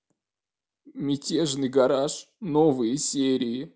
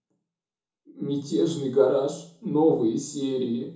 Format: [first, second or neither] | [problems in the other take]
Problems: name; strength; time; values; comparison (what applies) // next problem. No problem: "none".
first | room echo; dies away in 0.8 s